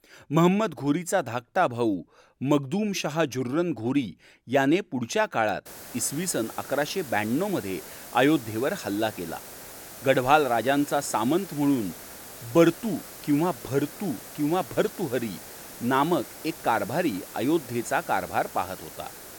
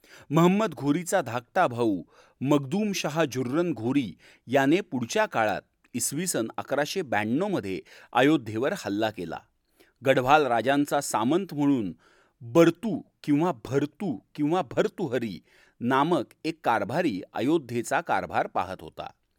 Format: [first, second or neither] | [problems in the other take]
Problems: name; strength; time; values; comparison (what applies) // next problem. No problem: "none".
second | hiss; noticeable; from 5.5 s on; 15 dB below the speech